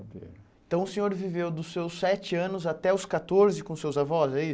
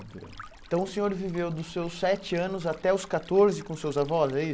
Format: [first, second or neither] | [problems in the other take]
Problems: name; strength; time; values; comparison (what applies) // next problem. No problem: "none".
first | background sound (Stream); 20 dB below the speech